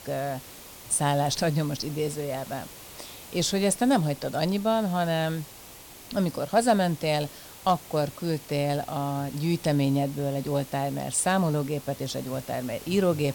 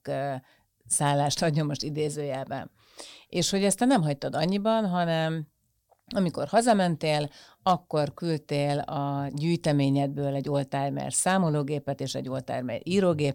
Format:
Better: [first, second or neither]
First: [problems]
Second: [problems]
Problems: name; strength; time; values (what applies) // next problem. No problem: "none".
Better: second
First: hiss; noticeable; throughout; 15 dB below the speech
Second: none